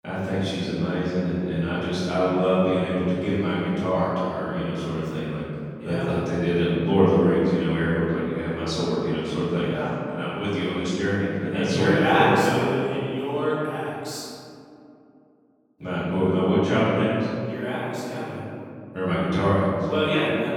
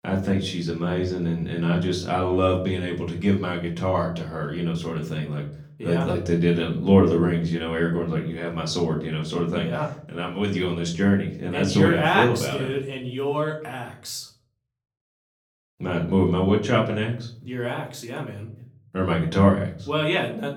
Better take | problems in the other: second | room echo; strong; dies away in 2.3 s; slight in the second // off-mic speech; far; far in the second

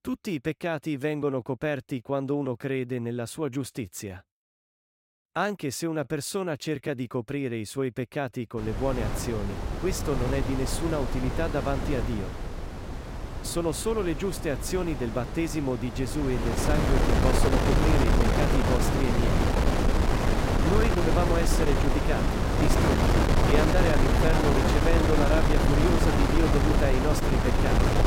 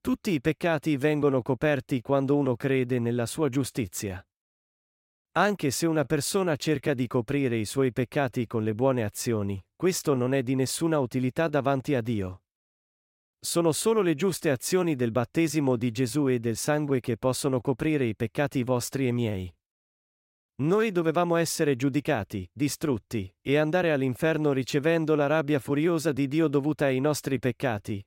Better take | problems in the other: second | wind noise on the microphone; heavy; from 8.5 s on; 3 dB above the speech

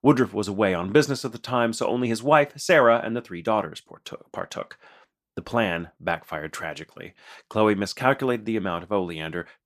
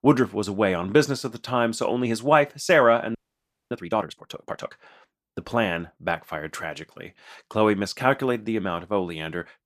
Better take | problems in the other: first | audio freezing; at 3 s for 0.5 s

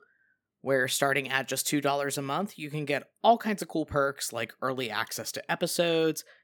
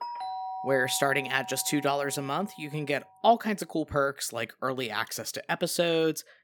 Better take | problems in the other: first | doorbell; noticeable; until 2.5 s; peak 7 dB below the speech

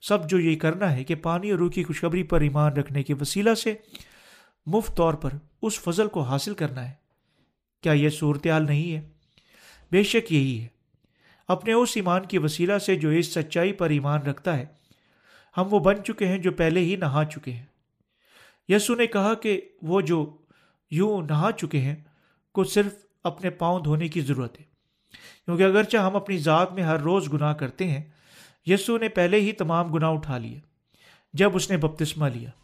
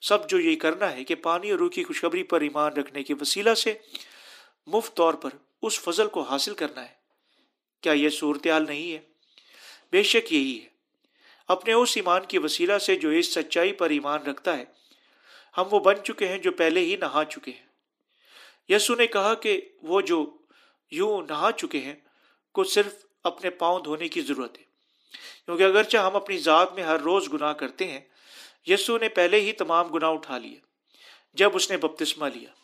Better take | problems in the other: first | thin; somewhat; fading below 250 Hz

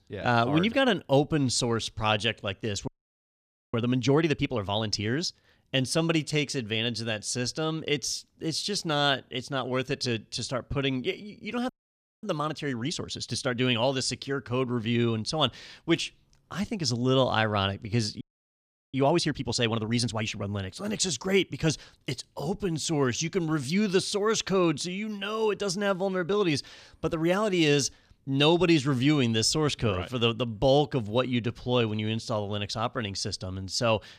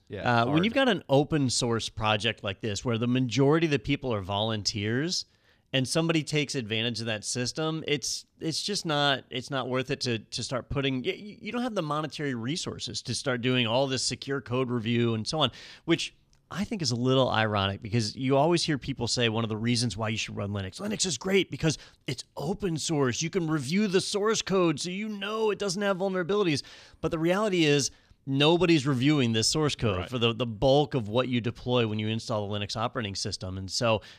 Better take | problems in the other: second | audio freezing; at 3 s for 1 s, at 12 s for 0.5 s and at 18 s for 0.5 s

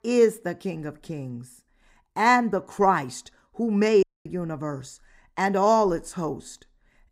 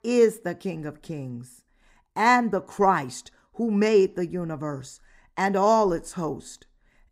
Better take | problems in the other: second | audio cutting out; at 4 s

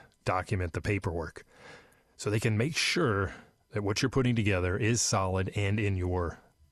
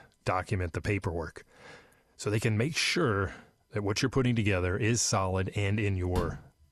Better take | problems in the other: first | door banging; noticeable; at 6 s; peak 8 dB below the speech

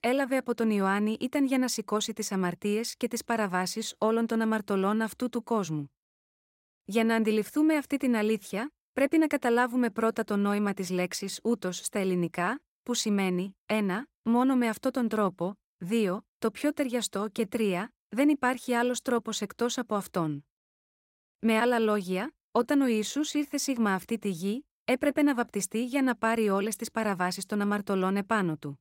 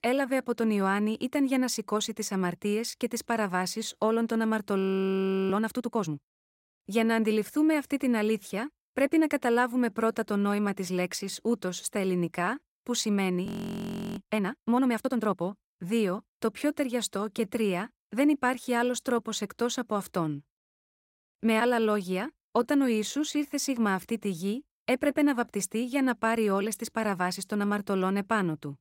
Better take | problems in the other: first | audio freezing; at 5 s for 0.5 s and at 13 s for 0.5 s

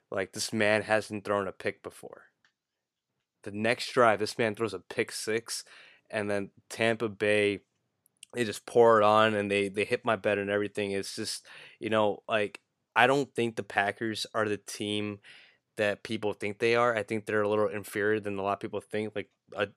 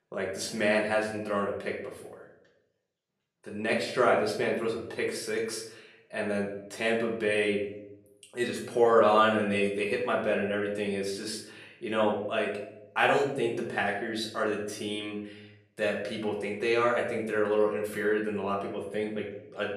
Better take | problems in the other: first | off-mic speech; far // room echo; noticeable; dies away in 0.6 s

